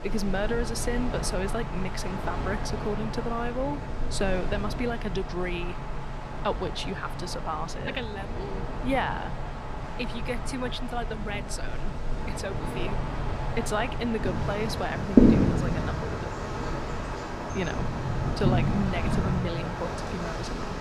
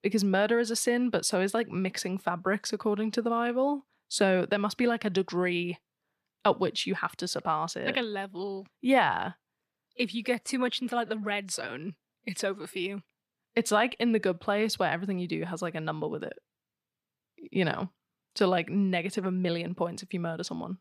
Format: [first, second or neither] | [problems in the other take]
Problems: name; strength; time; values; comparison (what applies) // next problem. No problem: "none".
second | wind in the background; very loud; throughout; 2 dB above the speech